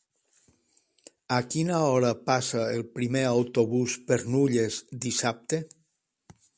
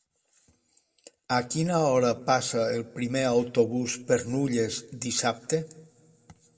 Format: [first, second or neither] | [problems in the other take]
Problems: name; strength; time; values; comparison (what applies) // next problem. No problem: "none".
first | room echo; dies away in 0.5 s